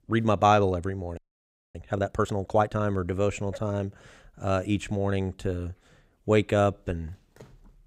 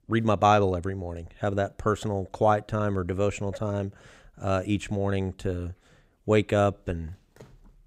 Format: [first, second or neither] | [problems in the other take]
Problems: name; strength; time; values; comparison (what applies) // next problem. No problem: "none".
second | audio freezing; at 1 s for 0.5 s